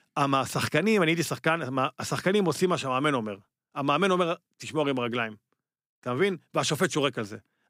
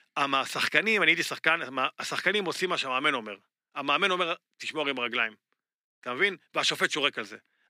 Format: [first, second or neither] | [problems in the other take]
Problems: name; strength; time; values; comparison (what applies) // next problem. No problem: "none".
first | thin; somewhat; fading below 250 Hz